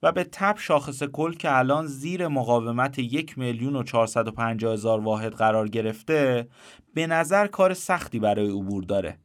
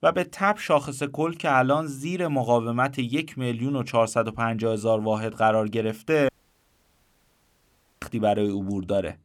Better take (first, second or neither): first